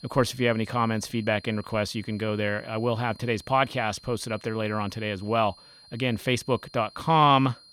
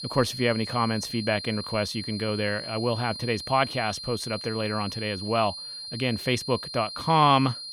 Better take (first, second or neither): first